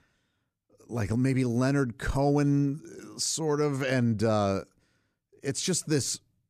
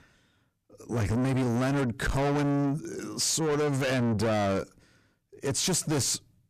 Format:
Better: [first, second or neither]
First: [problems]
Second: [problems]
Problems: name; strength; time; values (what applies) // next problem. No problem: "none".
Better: first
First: none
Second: distortion; heavy; 6 dB below the speech